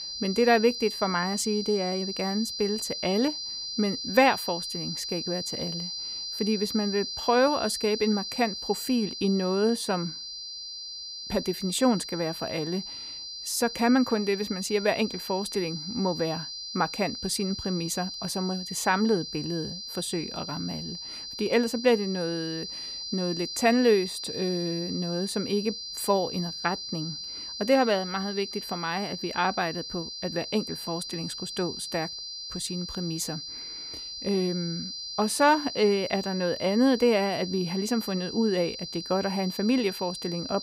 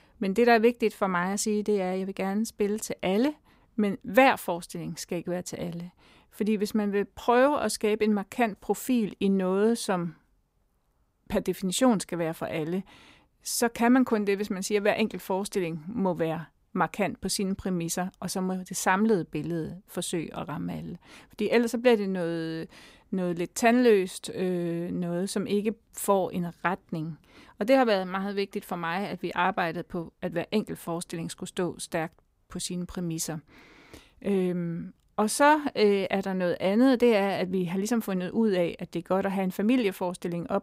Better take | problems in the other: second | high-pitched whine; loud; throughout; 5 kHz, 6 dB below the speech

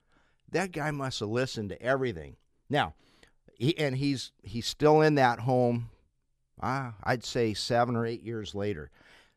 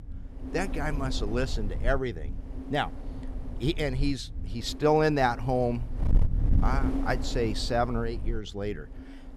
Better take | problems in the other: first | wind noise on the microphone; occasional gusts; 15 dB below the speech

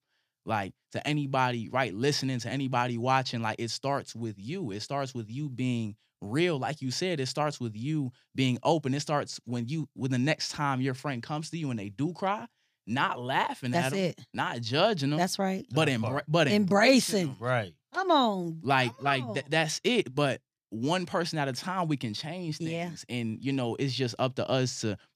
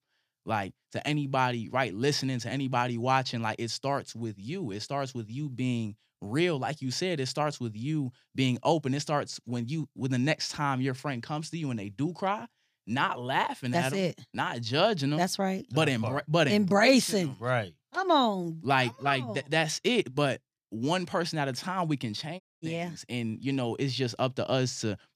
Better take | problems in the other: first | audio cutting out; at 22 s

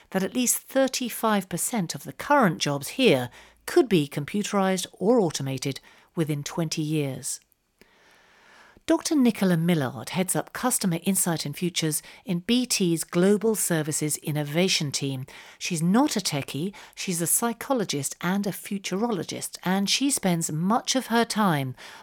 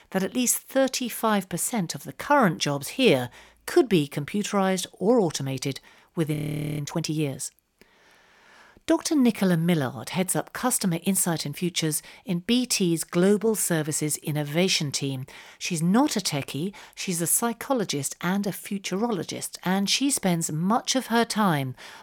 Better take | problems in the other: first | audio freezing; at 6.5 s

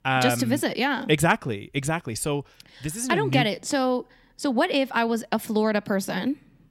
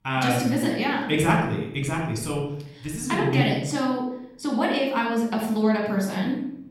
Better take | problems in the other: first | off-mic speech; somewhat distant // room echo; noticeable; dies away in 0.6 s

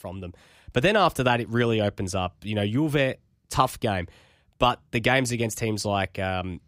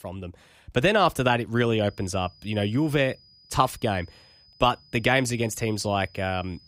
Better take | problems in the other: first | high-pitched whine; faint; from 2 s on; 5 kHz, 30 dB below the speech

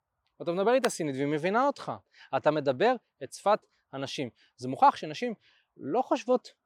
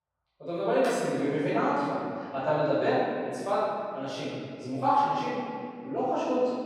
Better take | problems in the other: first | off-mic speech; far // room echo; strong; dies away in 2.2 s

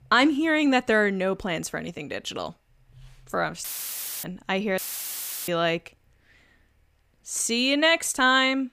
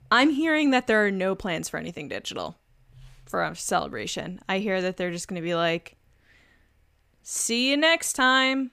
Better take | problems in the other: second | audio cutting out; filled with static; at 3.5 s for 0.5 s and at 5 s for 0.5 s

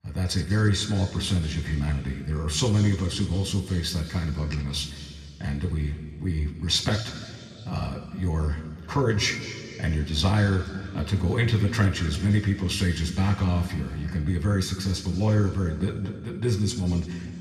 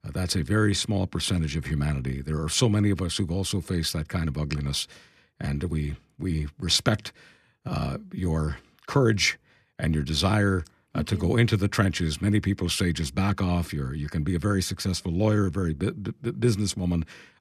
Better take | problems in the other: second | room echo; slight; dies away in 2.2 s

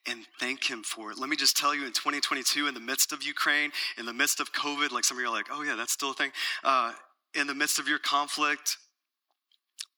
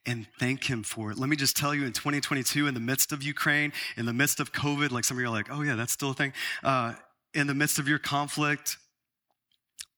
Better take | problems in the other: second | thin; somewhat; fading below 300 Hz

